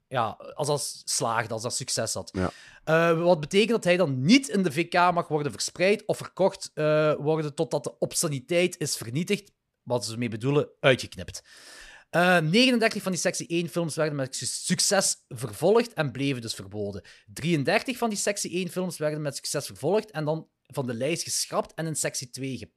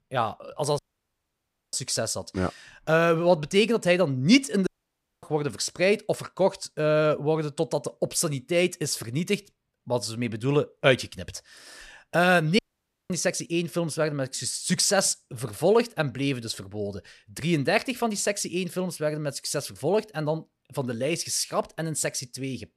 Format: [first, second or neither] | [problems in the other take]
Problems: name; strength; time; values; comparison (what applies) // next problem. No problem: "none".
first | audio cutting out; at 1 s for 1 s, at 4.5 s for 0.5 s and at 13 s for 0.5 s